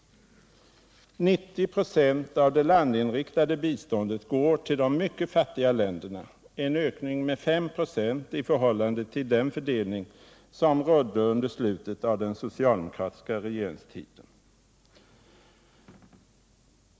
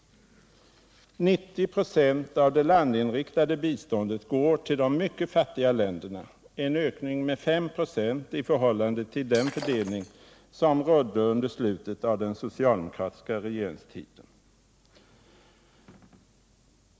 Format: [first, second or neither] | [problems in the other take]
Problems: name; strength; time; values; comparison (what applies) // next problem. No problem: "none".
first | background sound (Shatter); 15 dB below the speech